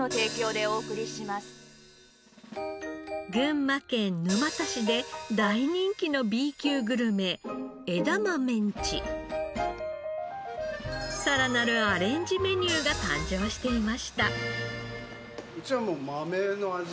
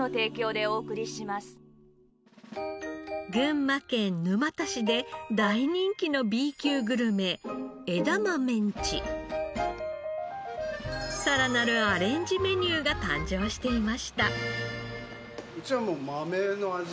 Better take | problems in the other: second | background sound (Hi-hat); 14 dB below the speech

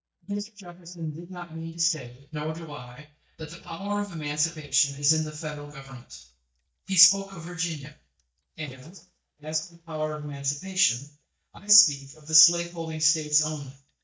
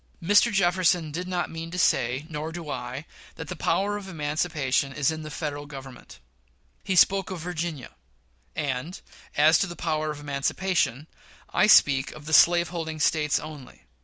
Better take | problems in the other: second | noise reduction (neural mask model DeepFilterNet 3)

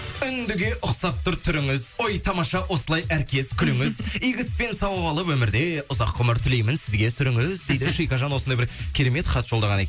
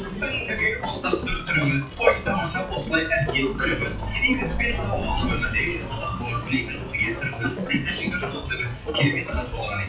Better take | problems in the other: first | noise reduction (classical method WPE with log-MMSE)

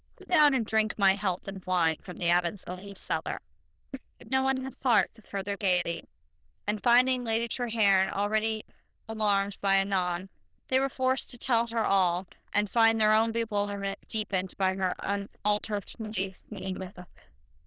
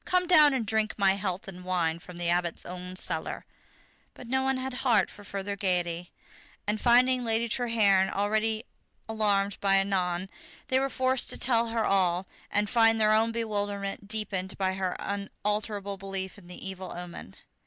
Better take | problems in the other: second | noise reduction (neural diffusion model UNIVERSE++)

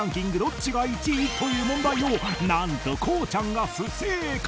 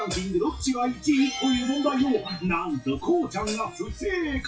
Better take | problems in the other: first | noise reduction (classical method WPE with log-MMSE)

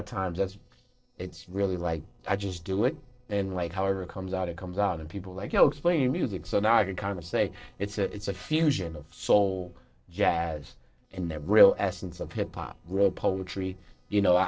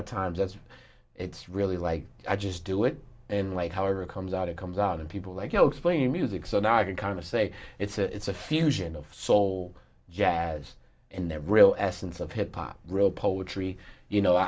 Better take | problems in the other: second | noise reduction (neural separator model SepFormer DNS4)

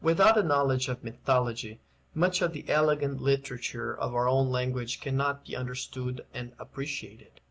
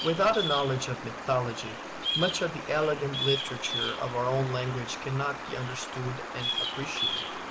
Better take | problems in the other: first | background sound (Bird vocalization, bird call, bird song); 4 dB below the speech

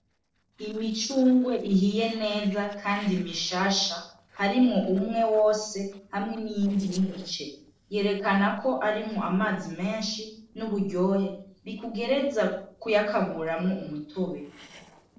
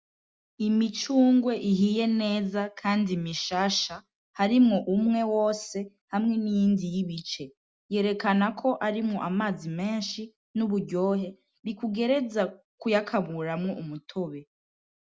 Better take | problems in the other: second | noise reduction (neural separator model SepFormer DNS4)

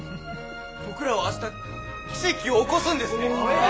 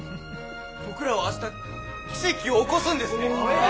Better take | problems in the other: second | background sound (Wind instrument, woodwind instrument); 20 dB below the speech

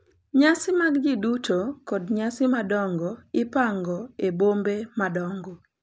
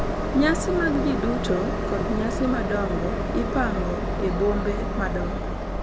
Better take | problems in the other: first | background sound (Train); 1 dB above the speech

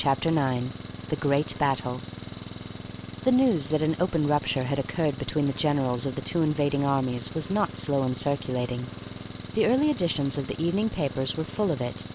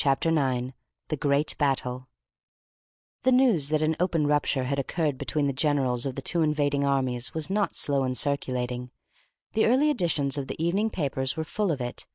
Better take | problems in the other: second | background sound (Engine); 12 dB below the speech

